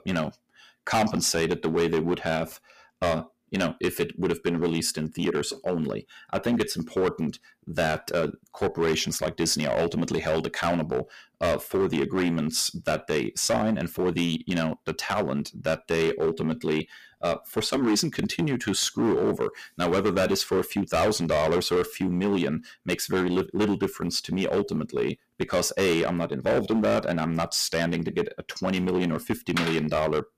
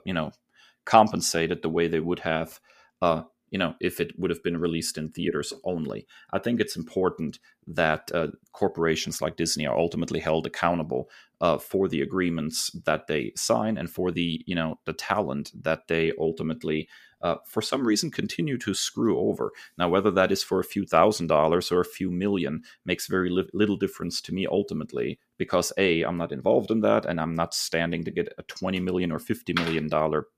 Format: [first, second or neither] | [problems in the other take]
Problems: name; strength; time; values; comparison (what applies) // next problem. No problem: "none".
second | distortion; heavy; 9% of the sound clipped